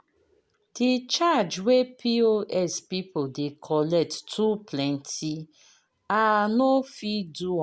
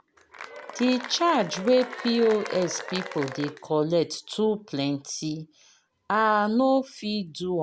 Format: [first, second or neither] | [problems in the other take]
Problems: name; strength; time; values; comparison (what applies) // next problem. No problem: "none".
first | background sound (Applause / Cheering); 12 dB below the speech